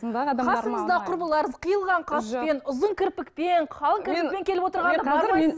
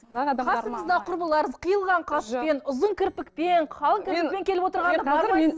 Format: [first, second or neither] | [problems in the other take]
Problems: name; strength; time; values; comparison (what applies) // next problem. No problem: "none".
first | noise reduction (neural separator model SepFormer DNS4)